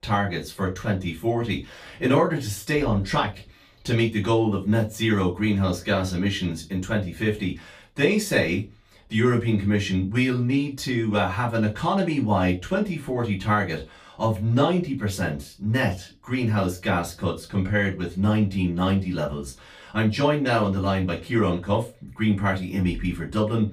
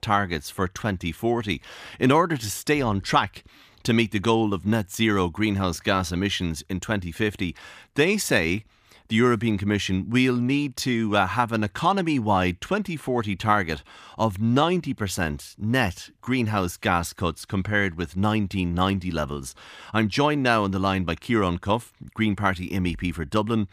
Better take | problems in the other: second | off-mic speech; far // room echo; very slight; dies away in 0.2 s

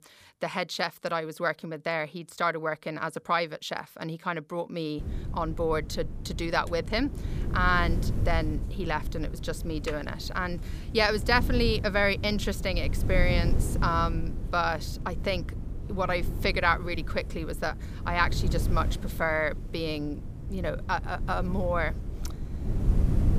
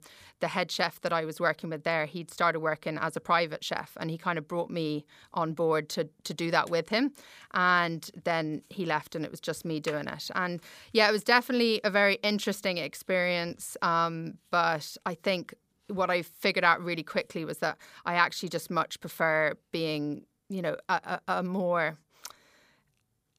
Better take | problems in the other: second | wind noise on the microphone; occasional gusts; from 5 s on; 15 dB below the speech

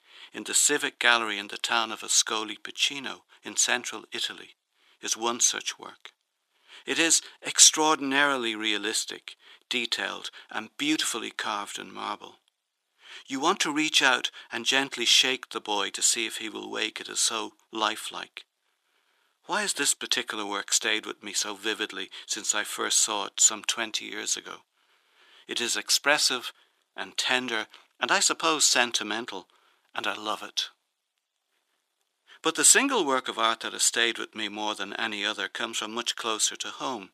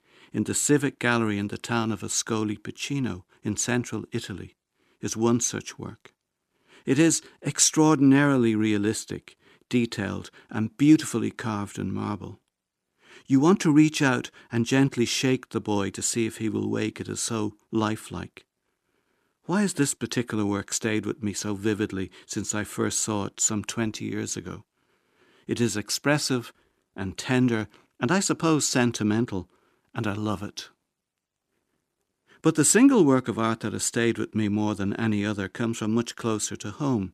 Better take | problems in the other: second | thin; very; fading below 700 Hz

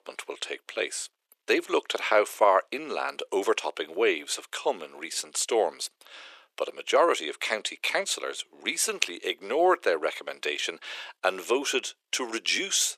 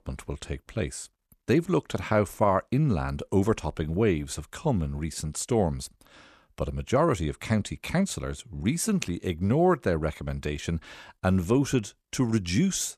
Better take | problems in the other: second | thin; very; fading below 400 Hz

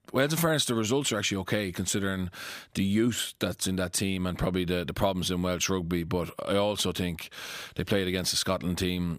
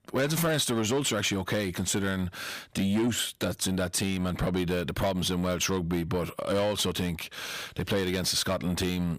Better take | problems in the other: first | distortion; slight; 10 dB below the speech

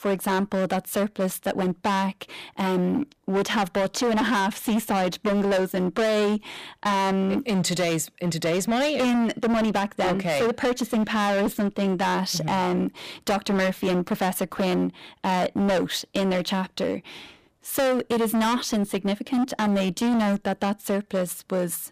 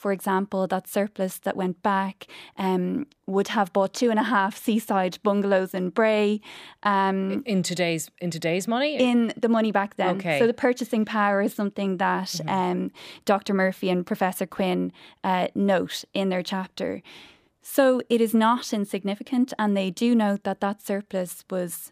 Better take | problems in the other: second | distortion; heavy; 21% of the sound clipped

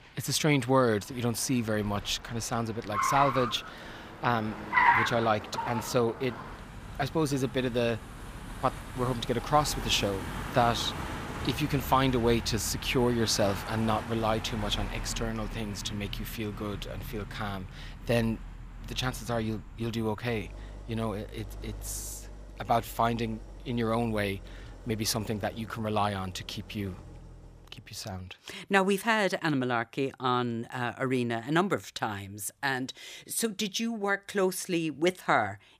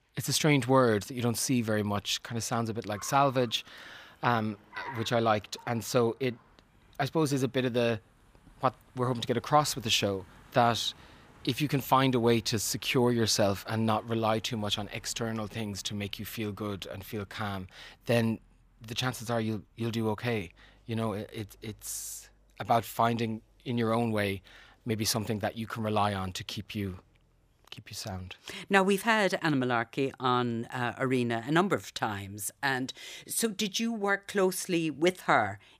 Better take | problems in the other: second | traffic noise; loud; until 27 s; 6 dB below the speech; faint in the second

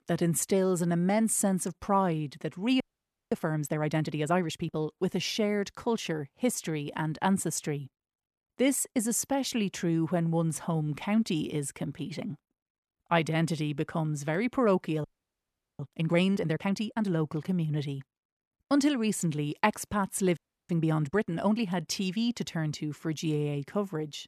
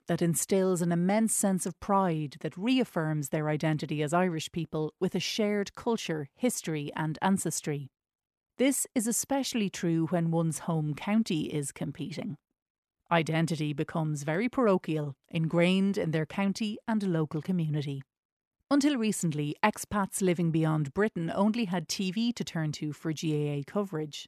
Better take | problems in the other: second | audio freezing; at 3 s for 0.5 s, at 15 s for 1 s and at 20 s

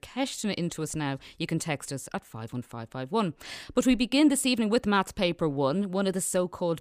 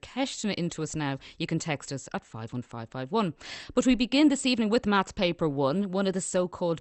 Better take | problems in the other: first | garbled, watery; slightly; nothing above 8.5 kHz

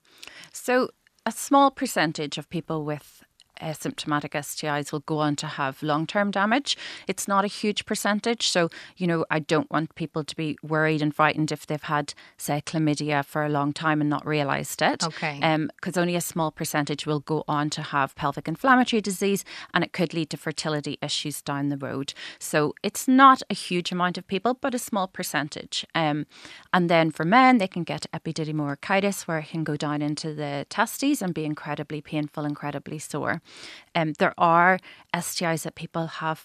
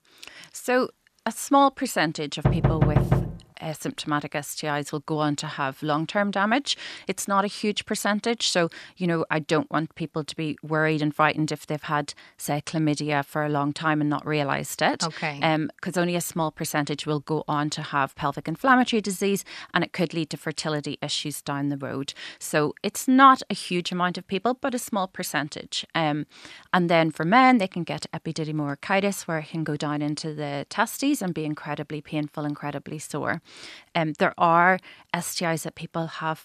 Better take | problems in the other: first | door banging; loud; at 2.5 s; peak 4 dB above the speech

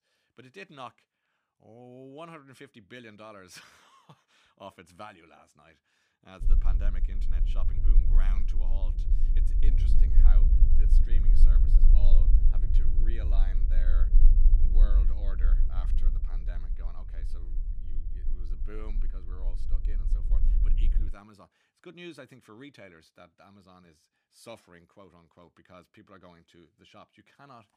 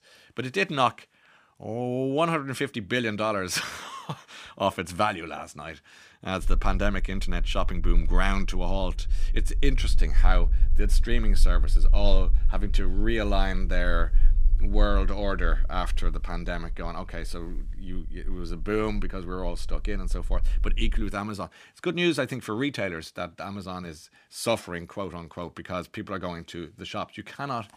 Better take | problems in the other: second | low rumble; loud; from 6.5 to 21 s; 3 dB below the speech; faint in the second

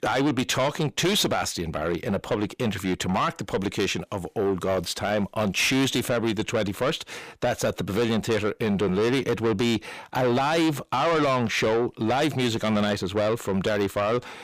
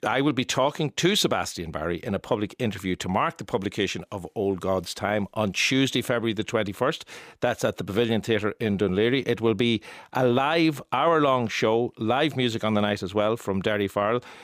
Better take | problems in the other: second | distortion; heavy; 7 dB below the speech

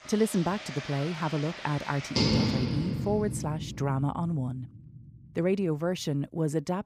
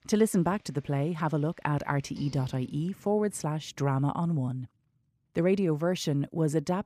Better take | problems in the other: second | rain or running water; loud; until 3.5 s; 2 dB below the speech; faint in the second

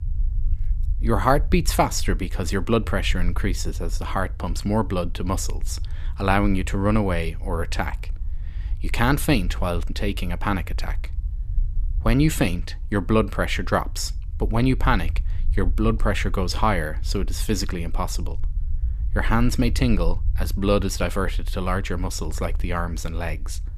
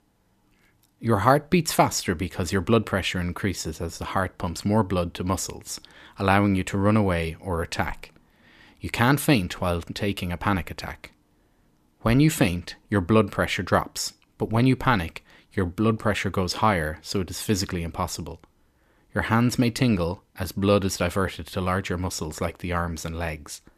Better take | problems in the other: second | low rumble; faint; throughout; 25 dB below the speech

